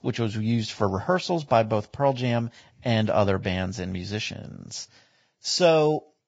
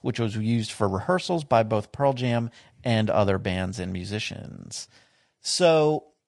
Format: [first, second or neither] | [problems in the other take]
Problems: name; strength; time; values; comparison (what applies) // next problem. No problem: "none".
second | garbled, watery; badly; nothing above 7.5 kHz; slightly in the second